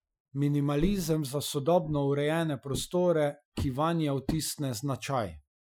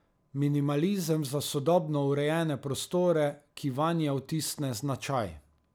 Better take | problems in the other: second | noise reduction (classical method Wiener filter)

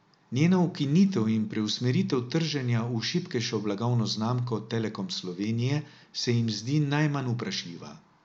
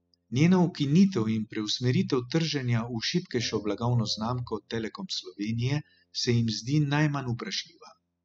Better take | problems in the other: first | noise reduction (classical method spectral subtraction)

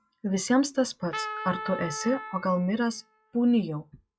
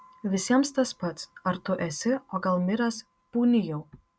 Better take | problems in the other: second | noise reduction (classical method log-MMSE)

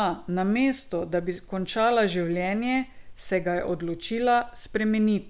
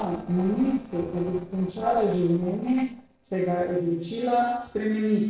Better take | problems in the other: first | noise reduction (neural separator model SepFormer DNS4)

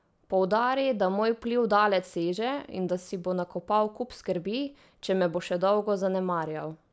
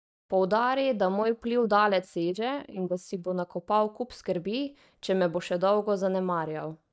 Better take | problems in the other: first | noise reduction (neural mask model DeepFilterNet 3)

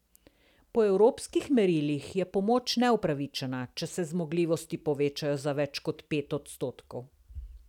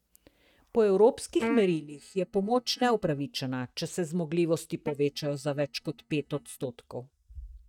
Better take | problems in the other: first | noise reduction (neural mask model DeepFilterNet 3)

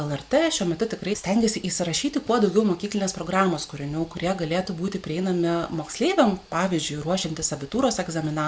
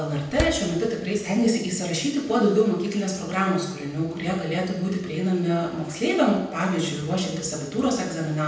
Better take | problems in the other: first | background sound (Slam); 9 dB below the speech // room echo; dies away in 0.9 s

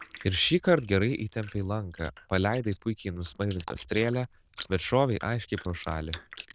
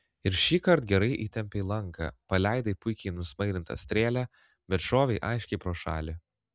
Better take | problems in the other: second | noise reduction (neural diffusion model UNIVERSE++)

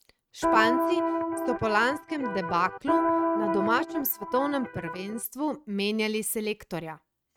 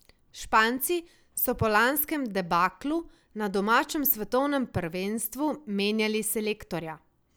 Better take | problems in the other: second | noise reduction (neural mask model RNNoise)

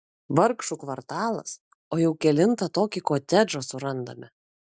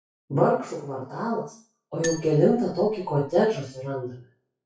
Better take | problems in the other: first | noise reduction (classical method WPE with log-MMSE)

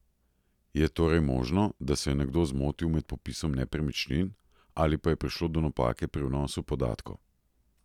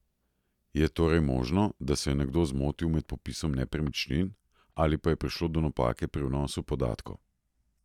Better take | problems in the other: first | noise reduction (neural mask model DeepFilterNet 3)

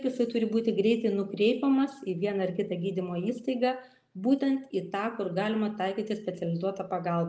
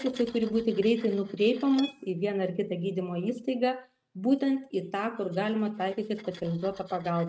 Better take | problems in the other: first | noise reduction (neural mask model RNNoise)

